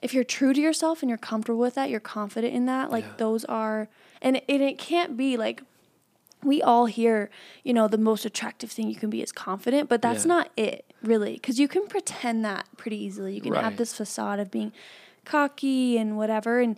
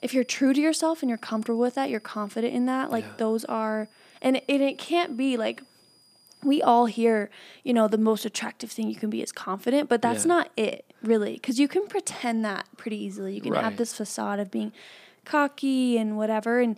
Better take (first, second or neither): first